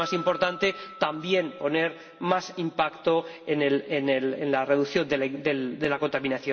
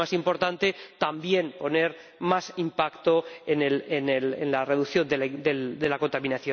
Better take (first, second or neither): second